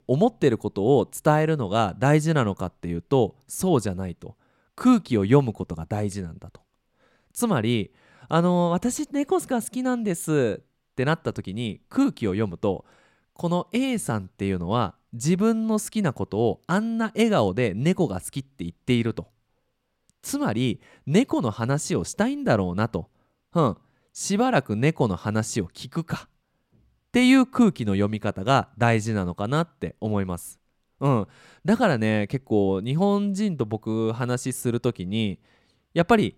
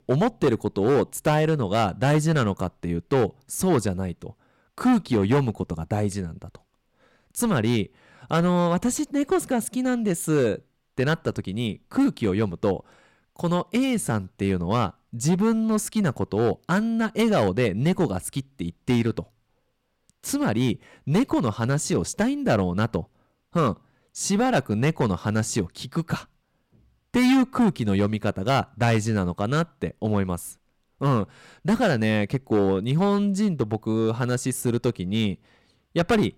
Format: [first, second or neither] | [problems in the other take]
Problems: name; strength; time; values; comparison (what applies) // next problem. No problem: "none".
first | distortion; slight; 6% of the sound clipped